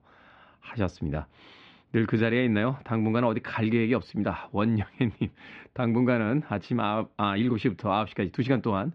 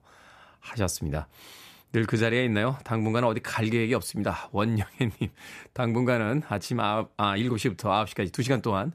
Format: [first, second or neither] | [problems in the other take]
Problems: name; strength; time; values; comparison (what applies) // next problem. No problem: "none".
second | muffled; slightly; fading above 3.5 kHz